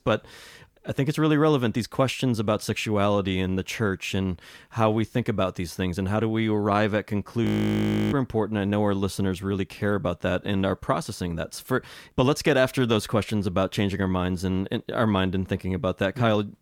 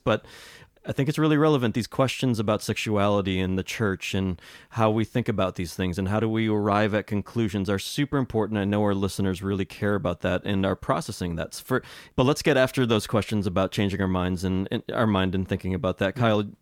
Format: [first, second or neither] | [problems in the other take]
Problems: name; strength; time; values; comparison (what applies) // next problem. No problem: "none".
second | audio freezing; at 7.5 s for 0.5 s